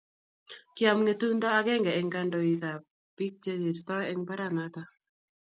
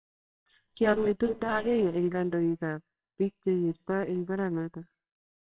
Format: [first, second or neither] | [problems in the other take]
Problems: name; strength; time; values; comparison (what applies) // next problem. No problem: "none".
first | noise reduction (neural separator model SepFormer WHAMR!)